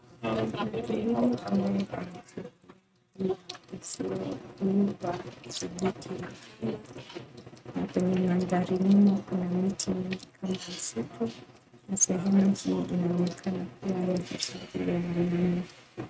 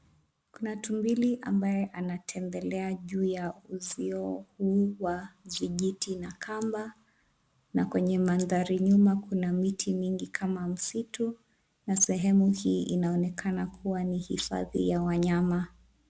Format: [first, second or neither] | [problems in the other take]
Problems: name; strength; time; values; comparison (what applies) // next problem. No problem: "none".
second | noise reduction (neural mask model RNNoise)